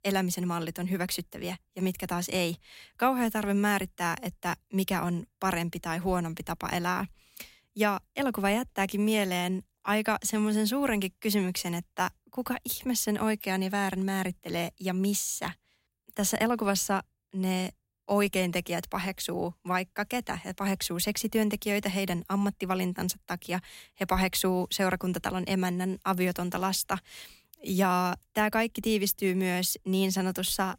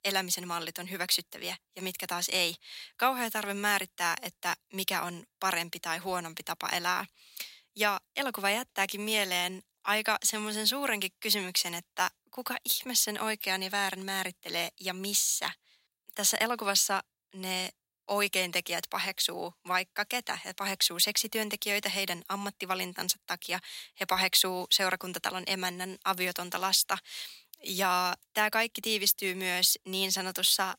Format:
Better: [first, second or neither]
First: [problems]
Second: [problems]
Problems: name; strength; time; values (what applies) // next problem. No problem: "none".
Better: first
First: none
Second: thin; somewhat; fading below 1 kHz